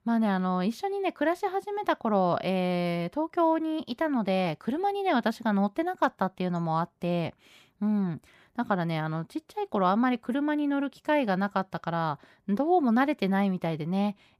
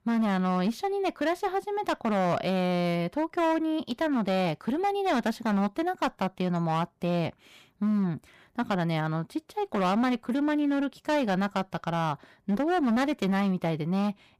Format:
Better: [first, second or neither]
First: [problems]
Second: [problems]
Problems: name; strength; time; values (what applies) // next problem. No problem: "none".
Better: first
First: none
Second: distortion; slight; 13% of the sound clipped